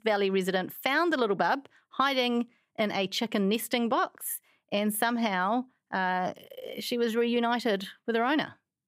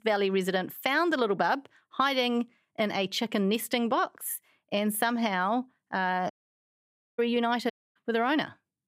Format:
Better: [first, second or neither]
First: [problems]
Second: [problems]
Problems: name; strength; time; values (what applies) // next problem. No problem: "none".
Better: first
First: none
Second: audio cutting out; at 6.5 s for 1 s and at 7.5 s